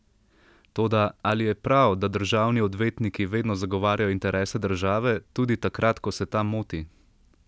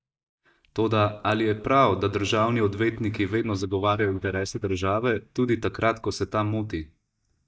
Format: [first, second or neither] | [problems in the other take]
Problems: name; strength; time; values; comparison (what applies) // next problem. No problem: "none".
first | noise reduction (neural mask model DeepFilterNet 3)